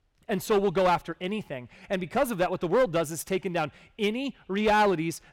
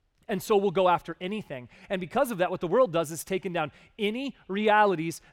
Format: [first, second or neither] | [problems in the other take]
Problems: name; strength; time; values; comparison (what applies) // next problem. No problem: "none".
second | distortion; slight; 5% of the sound clipped